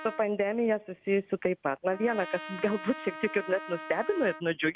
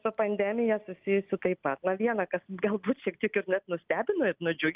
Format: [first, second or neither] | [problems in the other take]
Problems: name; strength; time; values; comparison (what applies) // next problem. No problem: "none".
second | background sound (Trumpet); 14 dB below the speech